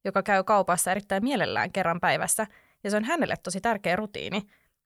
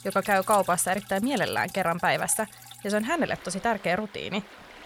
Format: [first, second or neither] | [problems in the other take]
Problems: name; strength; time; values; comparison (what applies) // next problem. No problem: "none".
first | rain or running water; noticeable; throughout; 15 dB below the speech